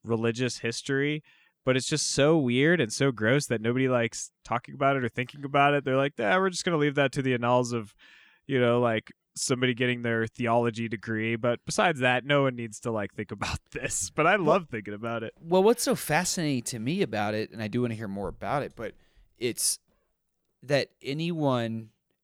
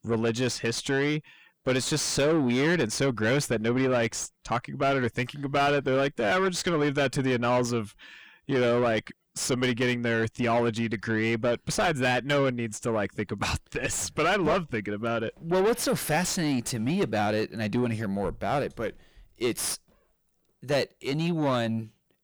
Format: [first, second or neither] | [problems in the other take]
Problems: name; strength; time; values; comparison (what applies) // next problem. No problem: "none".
first | distortion; heavy; 6 dB below the speech